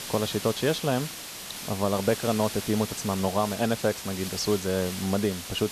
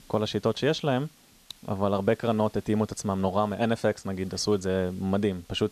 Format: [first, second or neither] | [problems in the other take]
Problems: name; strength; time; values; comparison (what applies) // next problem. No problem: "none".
second | hiss; loud; throughout; 8 dB below the speech; faint in the second